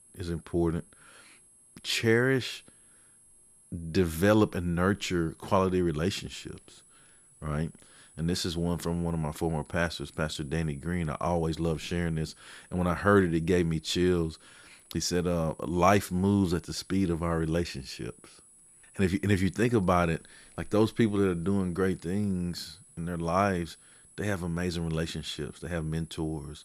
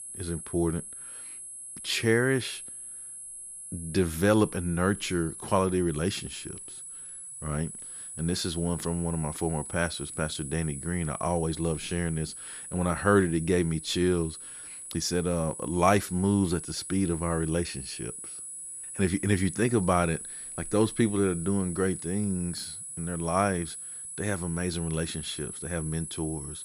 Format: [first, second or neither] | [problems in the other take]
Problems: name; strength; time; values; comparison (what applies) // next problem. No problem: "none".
first | high-pitched whine; loud; throughout; 10.5 kHz, 9 dB below the speech; faint in the first